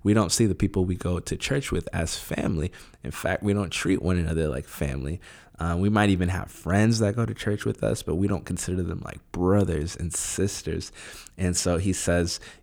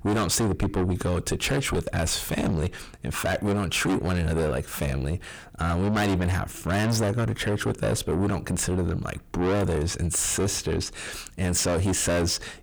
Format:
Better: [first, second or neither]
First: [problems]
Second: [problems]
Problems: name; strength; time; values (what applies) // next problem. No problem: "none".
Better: first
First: none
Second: distortion; heavy; 5 dB below the speech